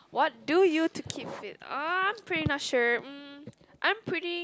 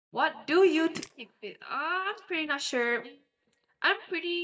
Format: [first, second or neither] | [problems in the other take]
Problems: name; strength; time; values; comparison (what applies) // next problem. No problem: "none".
first | noise reduction (neural mask model DeepFilterNet 3)